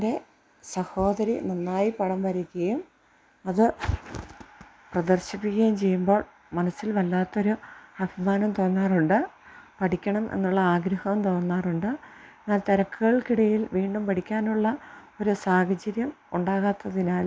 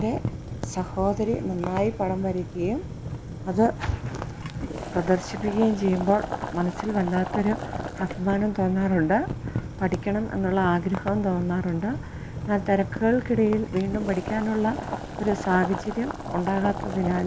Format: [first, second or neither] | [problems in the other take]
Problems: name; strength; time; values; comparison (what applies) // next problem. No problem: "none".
first | background sound (Boiling); 7 dB below the speech